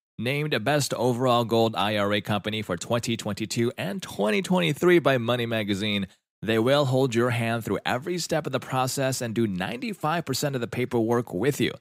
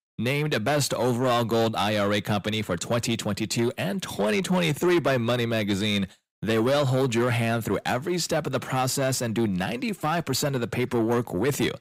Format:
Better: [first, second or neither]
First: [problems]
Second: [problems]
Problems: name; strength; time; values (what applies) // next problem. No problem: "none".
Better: first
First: none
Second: distortion; slight; 10 dB below the speech